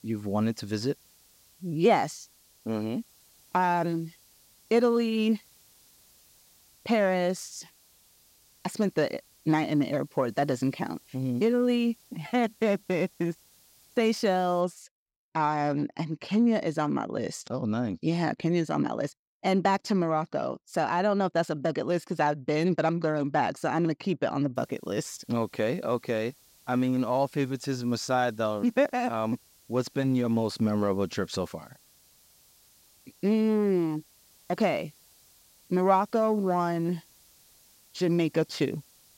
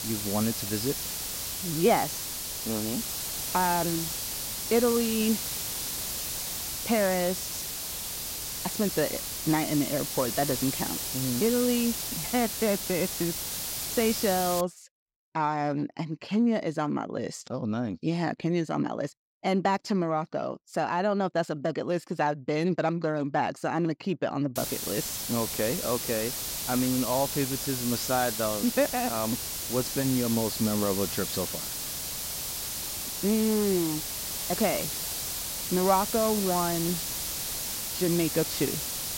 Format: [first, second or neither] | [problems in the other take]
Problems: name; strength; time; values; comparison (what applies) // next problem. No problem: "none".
first | hiss; loud; until 15 s and from 25 s on; 2 dB below the speech; faint in the first